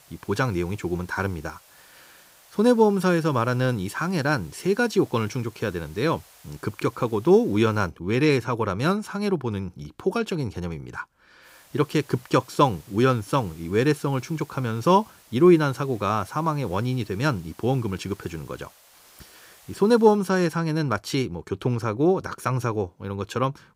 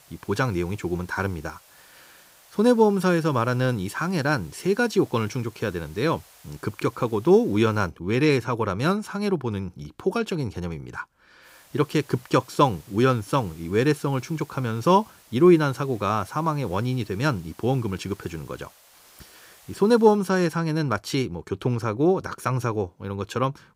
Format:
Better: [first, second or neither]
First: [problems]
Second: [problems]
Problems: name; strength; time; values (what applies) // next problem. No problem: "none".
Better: neither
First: hiss; faint; until 8 s and from 11 to 20 s; 25 dB below the speech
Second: hiss; faint; until 8 s and from 11 to 20 s; 25 dB below the speech